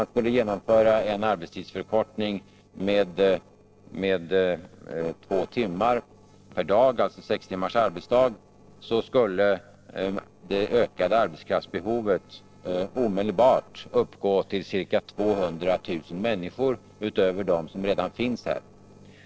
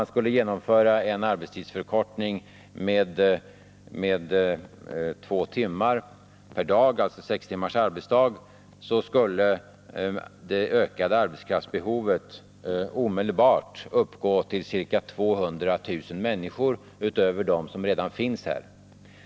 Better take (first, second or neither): second